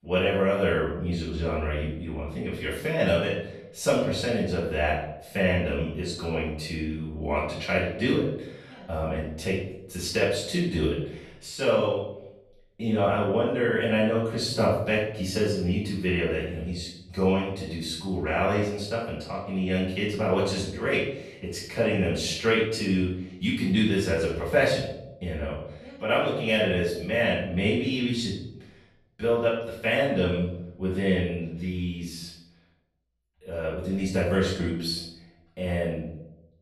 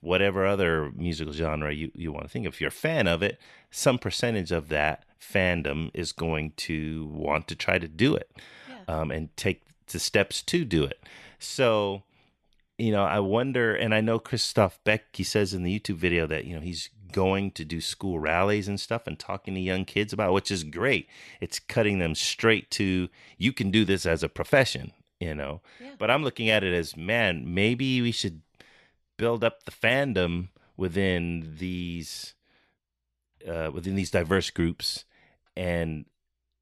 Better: second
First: off-mic speech; far // room echo; noticeable; dies away in 0.7 s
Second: none

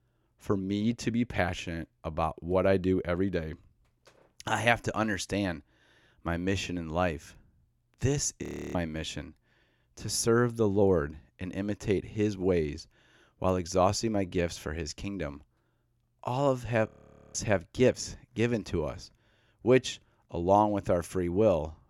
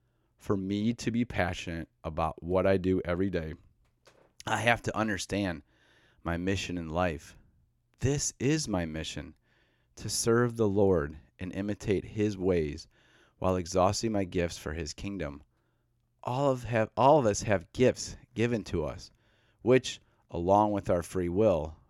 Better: second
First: audio freezing; at 8.5 s and at 17 s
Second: none

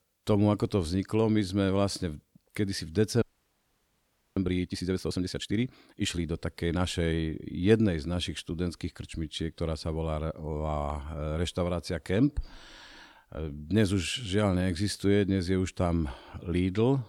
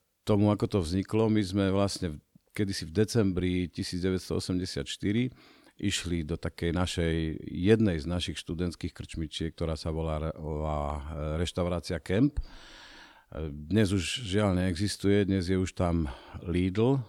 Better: second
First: audio freezing; at 3 s for 1 s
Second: none

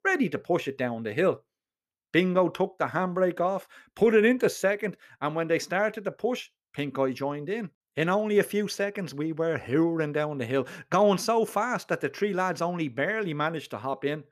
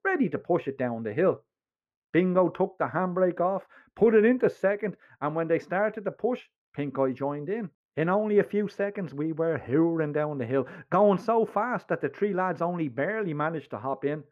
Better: first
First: none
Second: muffled; very; fading above 3 kHz

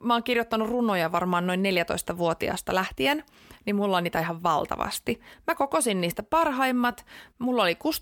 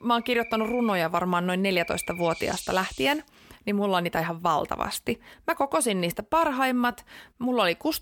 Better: first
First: none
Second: animal sounds; noticeable; until 3 s; 15 dB below the speech

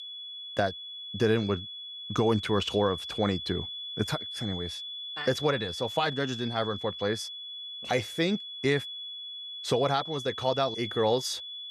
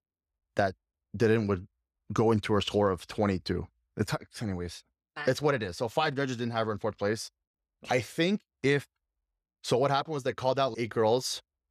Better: second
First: high-pitched whine; loud; throughout; 3.5 kHz, 7 dB below the speech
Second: none

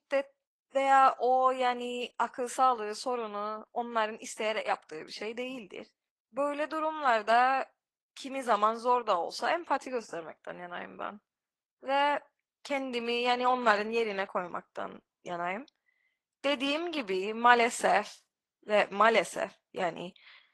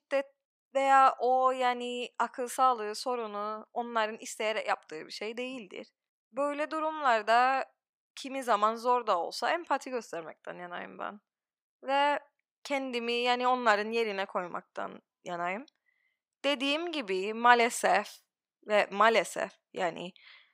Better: second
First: garbled, watery; slightly; nothing above 11.5 kHz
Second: none

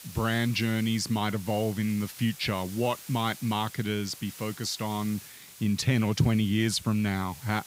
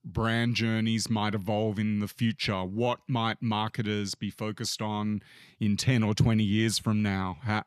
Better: second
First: hiss; noticeable; throughout; 15 dB below the speech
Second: none

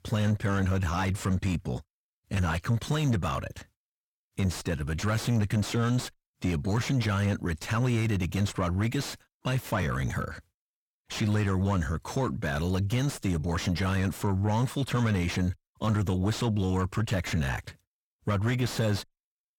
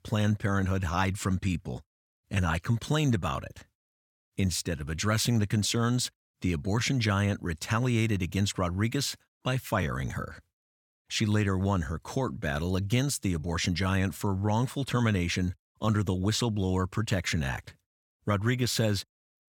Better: second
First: distortion; slight; 9 dB below the speech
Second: none

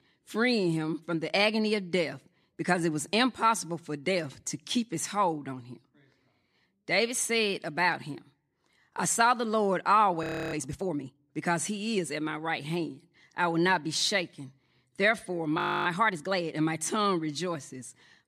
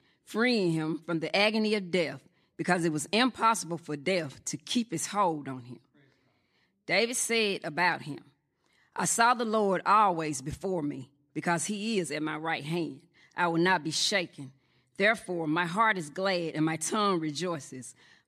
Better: second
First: audio freezing; at 10 s and at 16 s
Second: none

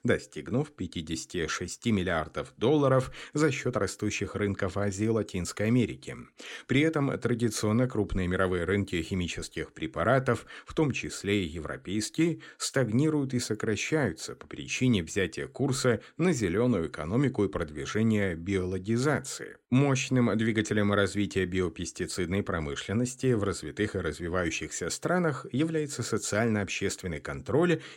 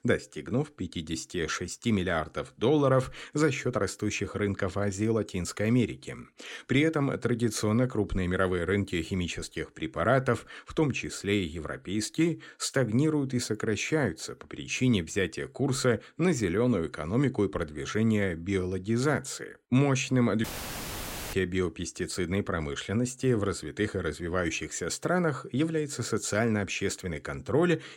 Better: first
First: none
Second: audio cutting out; filled with static; at 20 s for 1 s

